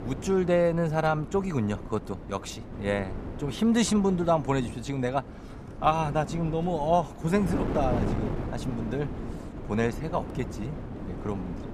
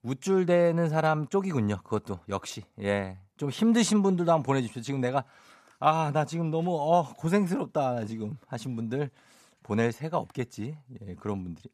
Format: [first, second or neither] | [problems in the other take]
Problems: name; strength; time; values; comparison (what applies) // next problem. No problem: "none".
second | wind noise on the microphone; occasional gusts; 10 dB below the speech